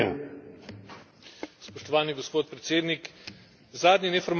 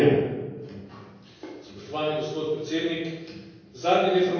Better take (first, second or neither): first